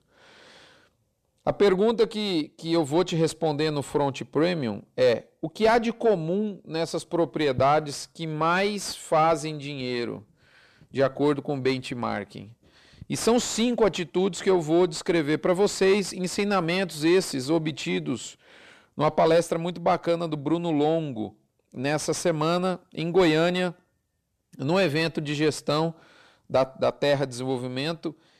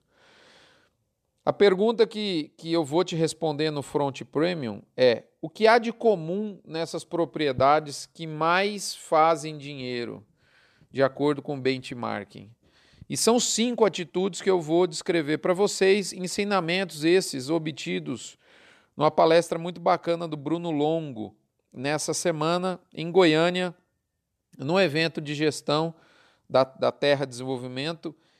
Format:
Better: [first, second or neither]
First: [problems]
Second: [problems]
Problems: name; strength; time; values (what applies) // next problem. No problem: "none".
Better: second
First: distortion; slight; 10 dB below the speech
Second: none